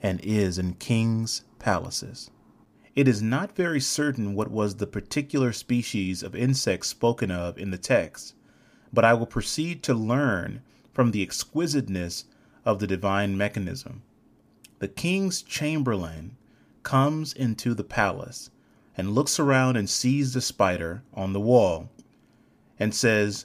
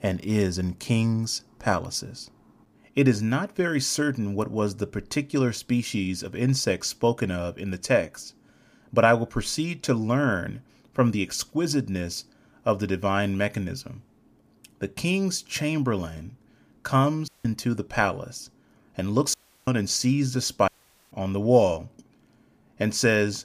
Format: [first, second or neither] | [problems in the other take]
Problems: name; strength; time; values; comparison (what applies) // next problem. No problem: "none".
first | audio cutting out; at 17 s, at 19 s and at 21 s